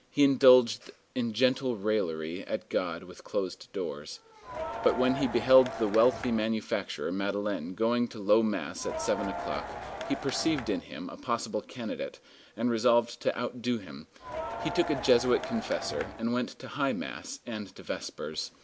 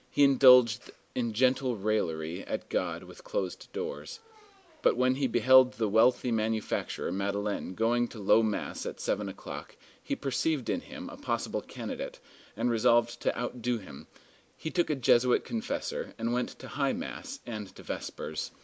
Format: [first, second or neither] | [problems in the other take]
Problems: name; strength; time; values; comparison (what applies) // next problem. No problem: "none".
second | background sound (Crowd); 8 dB below the speech